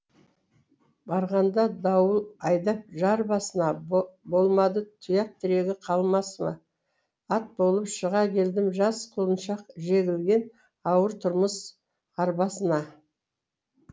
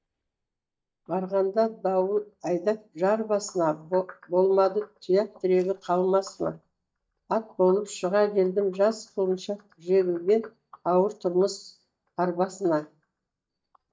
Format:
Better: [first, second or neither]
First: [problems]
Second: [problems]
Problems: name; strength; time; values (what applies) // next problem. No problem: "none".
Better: first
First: none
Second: noise reduction (neural mask model DeepFilterNet 3)